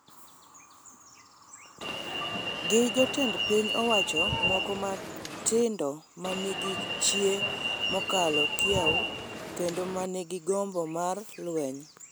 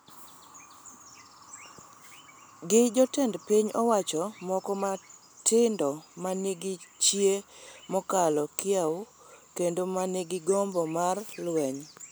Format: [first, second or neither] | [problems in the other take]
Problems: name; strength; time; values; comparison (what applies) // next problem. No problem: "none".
second | background sound (Alarm); as loud as the speech